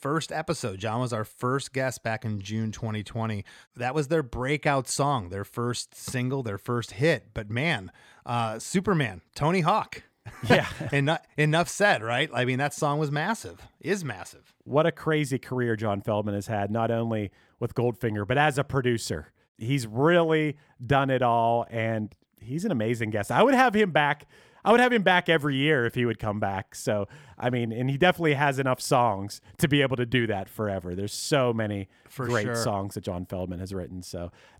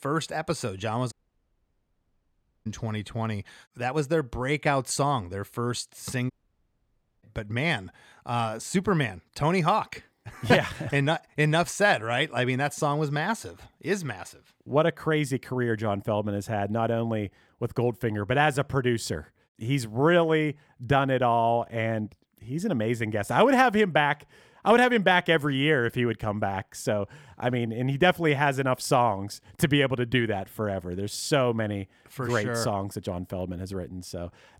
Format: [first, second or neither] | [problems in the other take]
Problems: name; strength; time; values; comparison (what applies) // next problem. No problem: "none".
first | audio cutting out; at 1 s for 1.5 s and at 6.5 s for 1 s